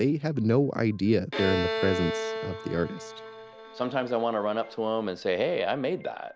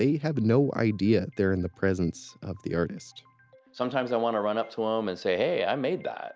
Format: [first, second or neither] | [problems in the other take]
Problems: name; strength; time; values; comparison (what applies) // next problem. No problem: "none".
second | background sound (Bowed string instrument); 8 dB below the speech